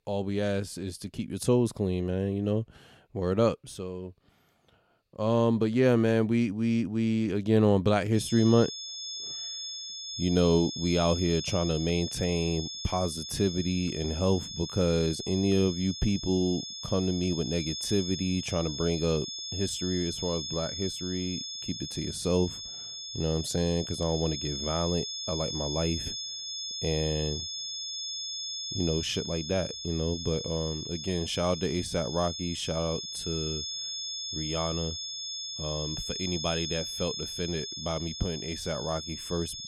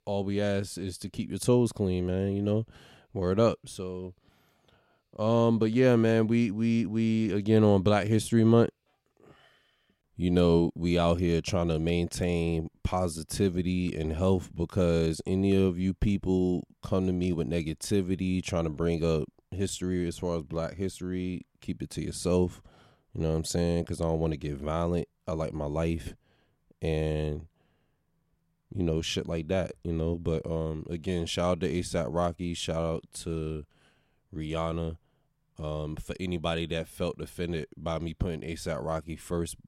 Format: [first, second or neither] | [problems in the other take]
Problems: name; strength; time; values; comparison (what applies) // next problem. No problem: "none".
second | high-pitched whine; loud; from 8 s on; 5 kHz, 6 dB below the speech